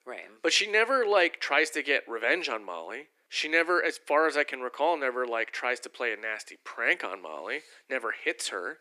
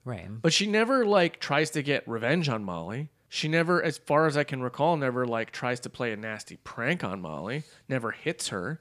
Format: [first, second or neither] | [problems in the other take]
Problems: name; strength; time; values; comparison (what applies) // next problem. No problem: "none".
second | thin; very; fading below 300 Hz